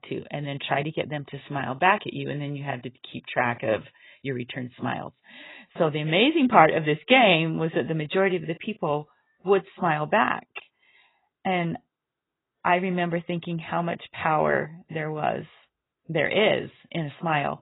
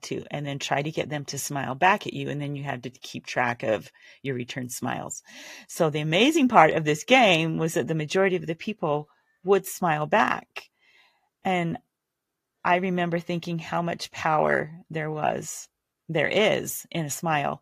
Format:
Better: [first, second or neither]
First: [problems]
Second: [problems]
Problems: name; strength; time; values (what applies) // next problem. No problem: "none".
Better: second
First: garbled, watery; badly; nothing above 3.5 kHz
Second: garbled, watery; slightly; nothing above 14.5 kHz